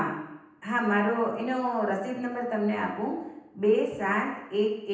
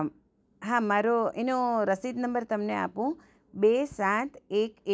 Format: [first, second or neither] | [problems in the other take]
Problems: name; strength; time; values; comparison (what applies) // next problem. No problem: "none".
second | room echo; dies away in 0.9 s